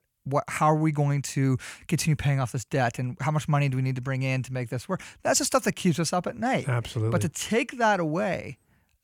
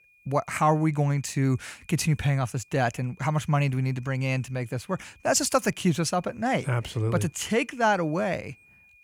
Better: first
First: none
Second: high-pitched whine; faint; throughout; 2.5 kHz, 30 dB below the speech

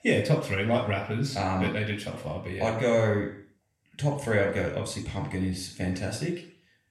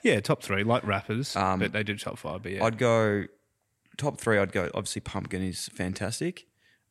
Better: second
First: room echo; slight; dies away in 0.5 s // off-mic speech; somewhat distant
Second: none

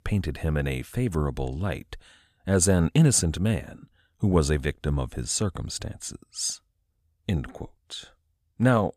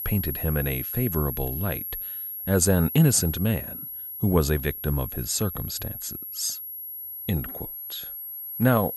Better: first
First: none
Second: high-pitched whine; loud; throughout; 11.5 kHz, 7 dB below the speech

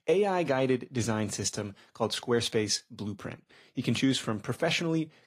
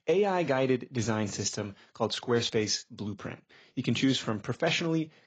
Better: first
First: garbled, watery; slightly; nothing above 14.5 kHz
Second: garbled, watery; badly; nothing above 7.5 kHz

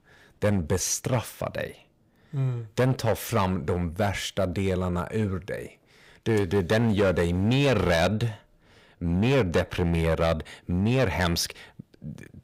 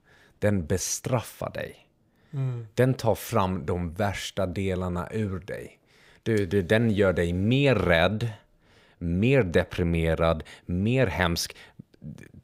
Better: second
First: distortion; slight; 6% of the sound clipped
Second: none

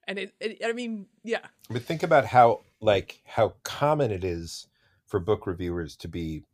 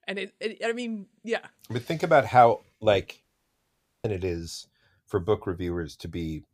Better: first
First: none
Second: audio cutting out; at 3 s for 1 s

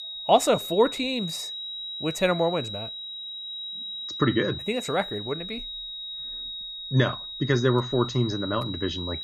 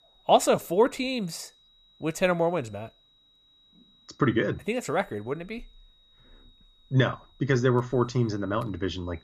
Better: second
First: high-pitched whine; loud; throughout; 4 kHz, 8 dB below the speech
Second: high-pitched whine; faint; throughout; 4 kHz, 35 dB below the speech

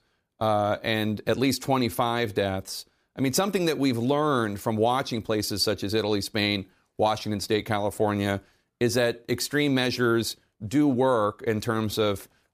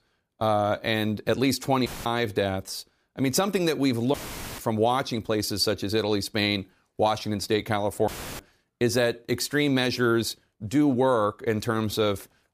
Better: first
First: none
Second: audio cutting out; filled with static; at 2 s, at 4 s and at 8 s

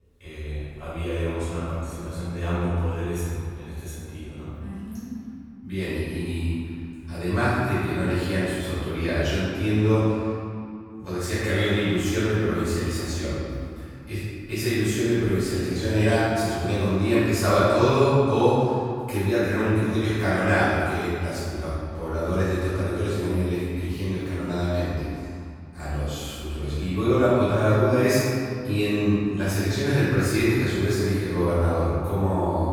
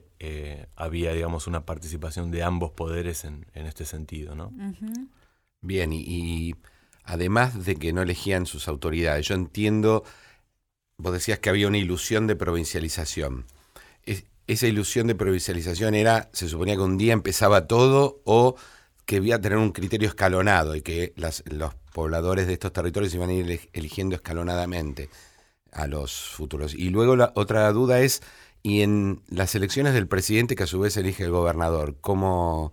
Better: second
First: off-mic speech; far // room echo; strong; dies away in 2.3 s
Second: none

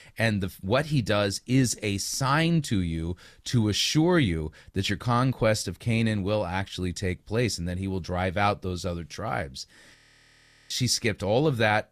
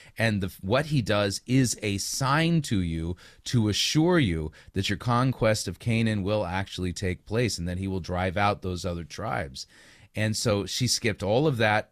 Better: second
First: audio freezing; at 10 s for 1 s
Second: none

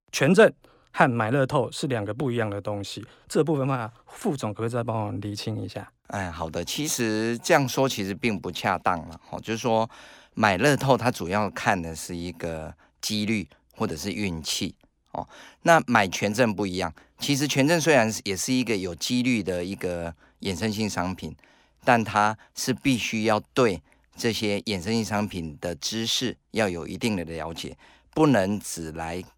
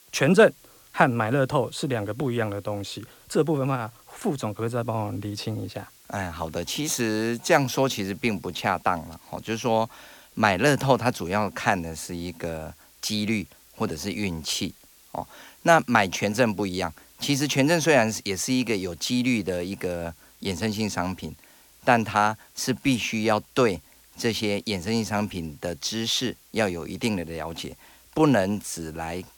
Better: first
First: none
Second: hiss; faint; throughout; 25 dB below the speech

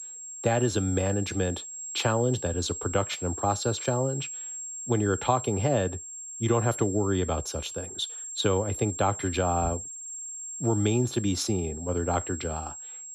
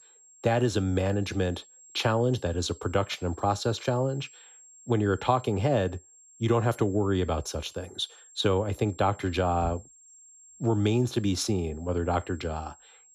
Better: second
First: high-pitched whine; loud; throughout; 7.5 kHz, 8 dB below the speech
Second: high-pitched whine; faint; throughout; 7.5 kHz, 25 dB below the speech

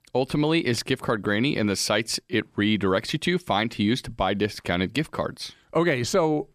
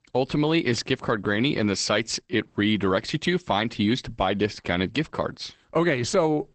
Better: first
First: none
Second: garbled, watery; badly; nothing above 8 kHz

